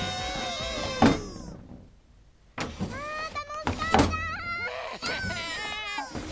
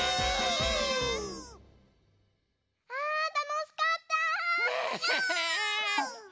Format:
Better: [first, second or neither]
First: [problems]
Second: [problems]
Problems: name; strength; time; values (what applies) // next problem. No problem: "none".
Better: second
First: background sound (Drawer open or close); 4 dB above the speech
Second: none